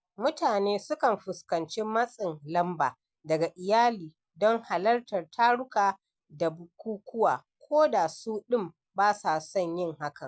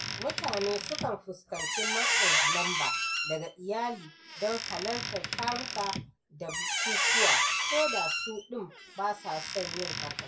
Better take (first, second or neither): first